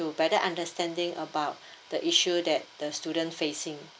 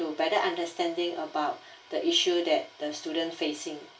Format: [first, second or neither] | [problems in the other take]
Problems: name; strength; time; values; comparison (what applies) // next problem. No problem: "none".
first | room echo; dies away in 0.3 s